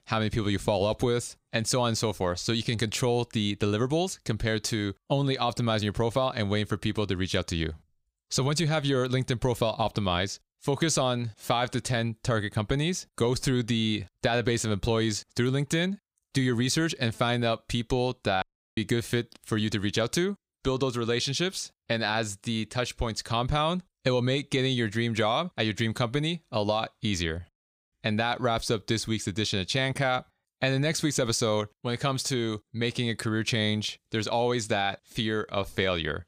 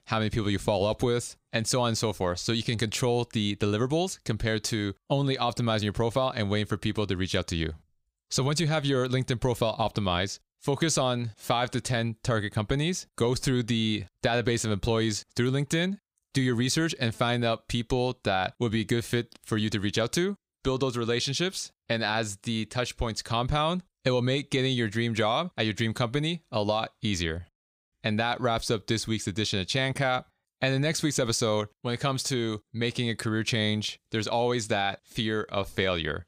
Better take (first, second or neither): second